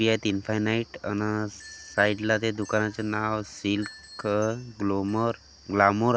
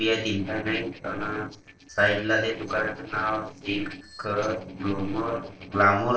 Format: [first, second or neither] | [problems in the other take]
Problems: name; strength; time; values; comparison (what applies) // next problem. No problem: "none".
first | noise reduction (neural separator model SepFormer DNS4)